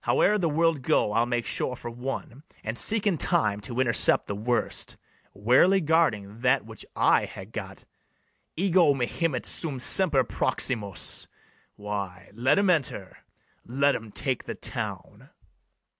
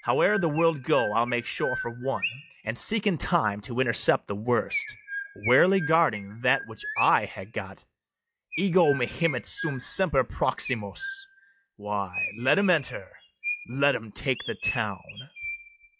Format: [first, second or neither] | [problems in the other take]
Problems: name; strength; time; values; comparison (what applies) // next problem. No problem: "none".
first | noise reduction (classical method log-MMSE)